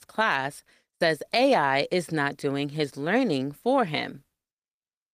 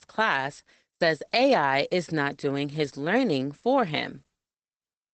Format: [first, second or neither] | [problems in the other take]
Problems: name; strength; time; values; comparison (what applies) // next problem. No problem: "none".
first | garbled, watery; badly; nothing above 8 kHz; slightly in the first